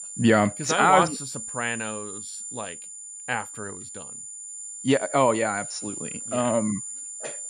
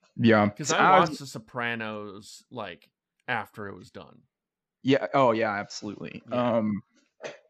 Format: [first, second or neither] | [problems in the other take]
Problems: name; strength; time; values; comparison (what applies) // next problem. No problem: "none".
second | high-pitched whine; loud; throughout; 7 kHz, 10 dB below the speech